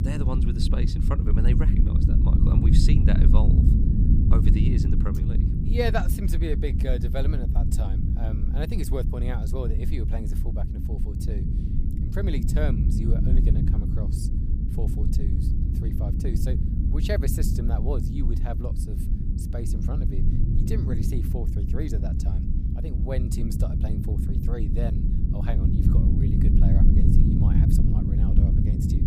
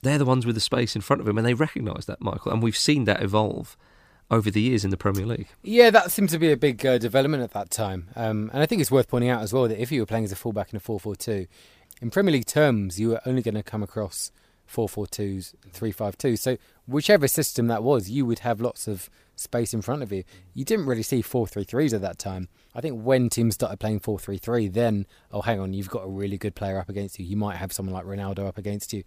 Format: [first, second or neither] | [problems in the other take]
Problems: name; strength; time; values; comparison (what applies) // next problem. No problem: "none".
second | low rumble; loud; throughout; as loud as the speech